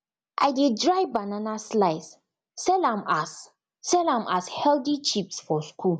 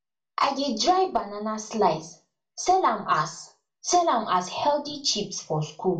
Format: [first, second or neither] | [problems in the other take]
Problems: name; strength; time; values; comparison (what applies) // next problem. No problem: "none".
first | room echo; dies away in 0.3 s